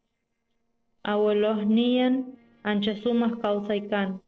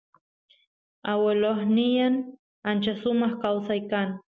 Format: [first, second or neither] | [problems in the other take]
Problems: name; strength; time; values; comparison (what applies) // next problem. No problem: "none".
second | noise reduction (neural separator model SepFormer DNS4)